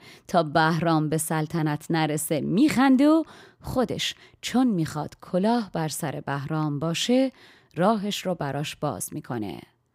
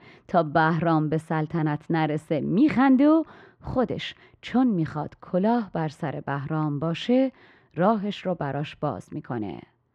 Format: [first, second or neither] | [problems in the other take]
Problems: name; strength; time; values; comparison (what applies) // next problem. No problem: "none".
first | muffled; slightly; fading above 2.5 kHz